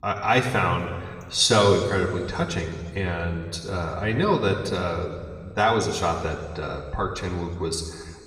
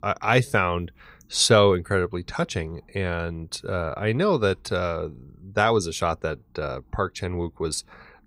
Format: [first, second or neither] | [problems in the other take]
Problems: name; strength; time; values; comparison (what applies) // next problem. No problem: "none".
second | room echo; noticeable; dies away in 1.6 s // off-mic speech; somewhat distant